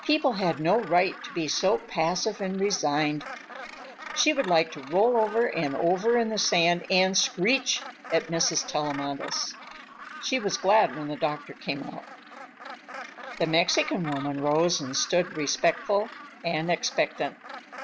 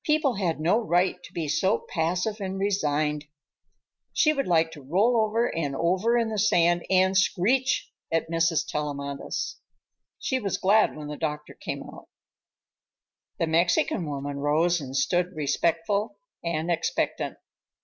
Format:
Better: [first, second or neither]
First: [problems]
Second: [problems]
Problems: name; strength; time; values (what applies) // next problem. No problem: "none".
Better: second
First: background sound (Gull, seagull); 15 dB below the speech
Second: none